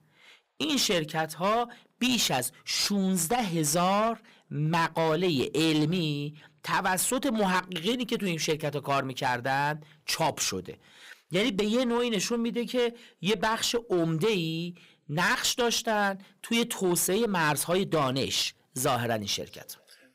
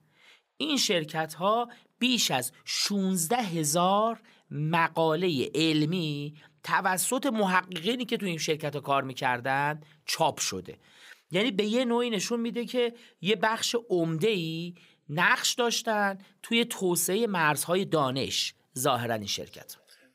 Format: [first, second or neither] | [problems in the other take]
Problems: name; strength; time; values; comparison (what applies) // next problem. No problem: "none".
second | distortion; slight; 10% of the sound clipped